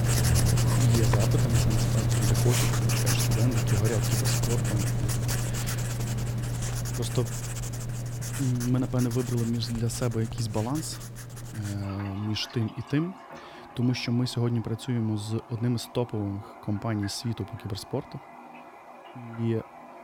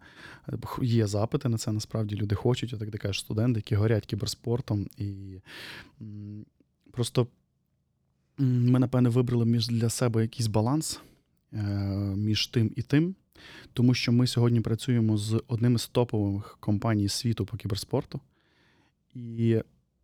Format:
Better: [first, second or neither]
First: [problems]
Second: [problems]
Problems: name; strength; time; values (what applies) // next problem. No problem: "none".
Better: second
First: household noises; very loud; throughout; 3 dB above the speech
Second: none